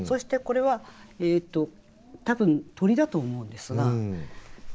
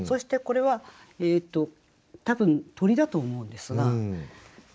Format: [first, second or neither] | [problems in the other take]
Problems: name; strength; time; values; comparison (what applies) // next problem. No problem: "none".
second | background sound (Wind); 19 dB below the speech